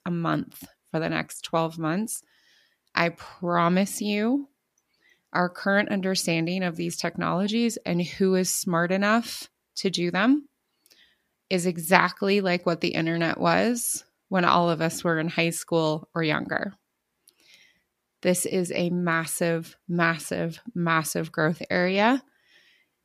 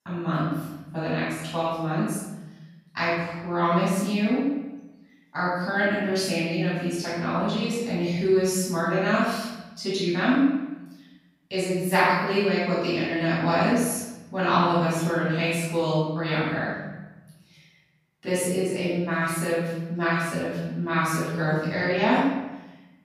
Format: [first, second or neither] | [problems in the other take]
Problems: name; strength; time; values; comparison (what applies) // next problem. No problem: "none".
first | off-mic speech; far // room echo; strong; dies away in 1.2 s